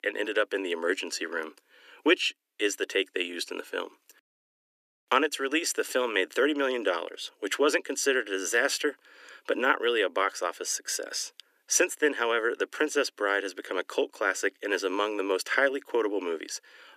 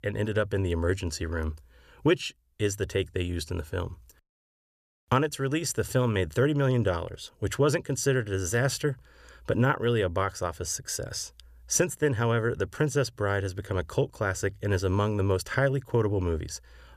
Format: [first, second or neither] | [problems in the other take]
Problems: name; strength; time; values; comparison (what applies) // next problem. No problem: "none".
second | thin; somewhat; fading below 300 Hz